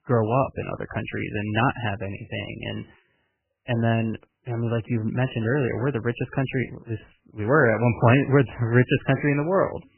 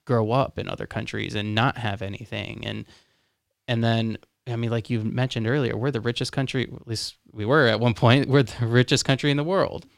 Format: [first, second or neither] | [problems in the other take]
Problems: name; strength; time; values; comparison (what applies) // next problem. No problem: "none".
second | garbled, watery; badly; nothing above 3 kHz